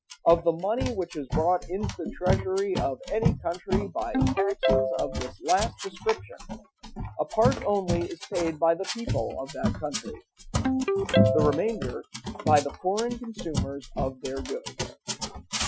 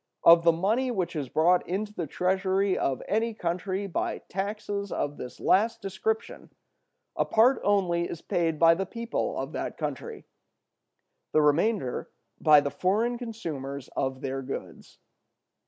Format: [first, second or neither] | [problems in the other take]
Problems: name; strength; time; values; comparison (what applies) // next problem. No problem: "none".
second | noise reduction (classical method Wiener filter)